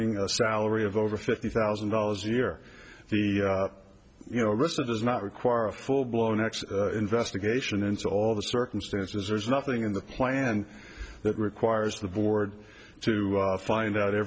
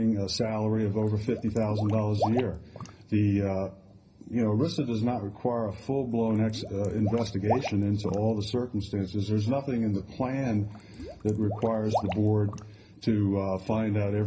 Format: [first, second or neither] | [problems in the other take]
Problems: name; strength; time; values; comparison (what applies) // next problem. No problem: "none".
first | background sound (Water / Liquid); 12 dB below the speech // room echo; dies away in 0.4 s